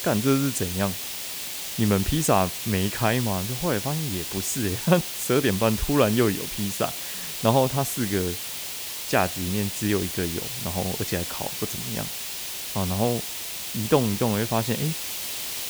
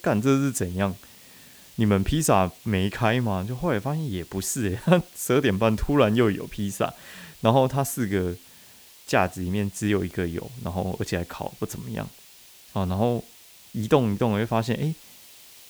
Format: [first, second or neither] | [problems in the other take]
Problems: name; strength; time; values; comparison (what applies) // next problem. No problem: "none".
second | hiss; loud; throughout; 4 dB below the speech; faint in the second